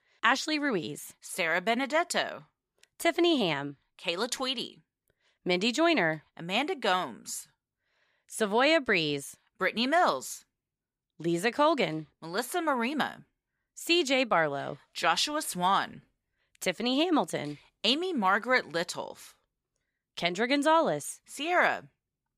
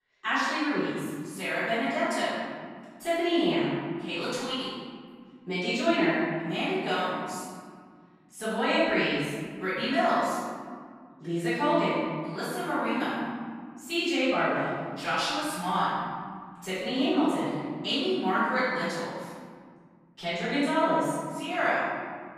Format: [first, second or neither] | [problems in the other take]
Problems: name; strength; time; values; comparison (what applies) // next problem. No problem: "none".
first | off-mic speech; far // room echo; strong; dies away in 2.1 s